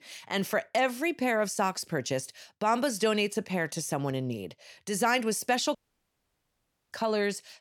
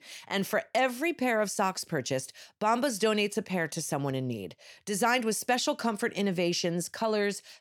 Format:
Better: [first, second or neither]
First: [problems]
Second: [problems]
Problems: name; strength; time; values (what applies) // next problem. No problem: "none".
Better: second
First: audio cutting out; at 6 s for 1 s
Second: none